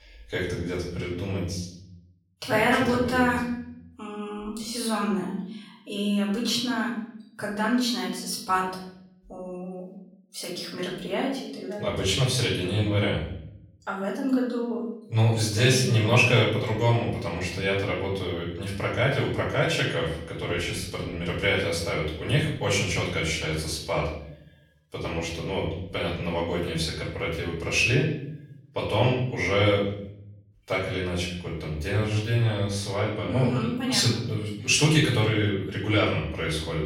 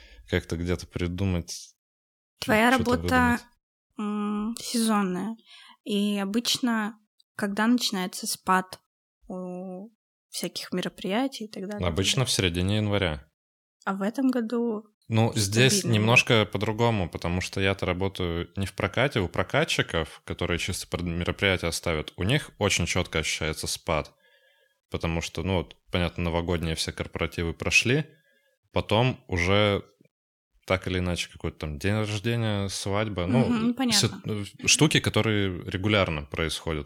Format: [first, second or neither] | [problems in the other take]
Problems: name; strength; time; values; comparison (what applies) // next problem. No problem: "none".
second | off-mic speech; far // room echo; noticeable; dies away in 0.7 s